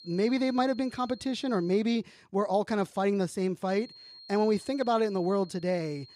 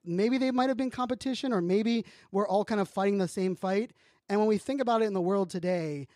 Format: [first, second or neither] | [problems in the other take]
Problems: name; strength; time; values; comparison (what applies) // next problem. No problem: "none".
second | high-pitched whine; faint; until 2 s and from 3.5 s on; 4 kHz, 20 dB below the speech